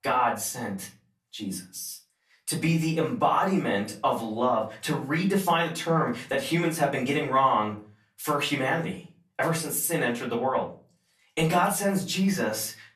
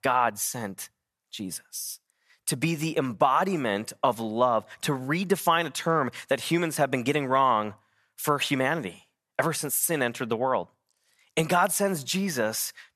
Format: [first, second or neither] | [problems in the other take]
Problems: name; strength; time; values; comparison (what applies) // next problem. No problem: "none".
second | off-mic speech; far // room echo; very slight; dies away in 0.3 s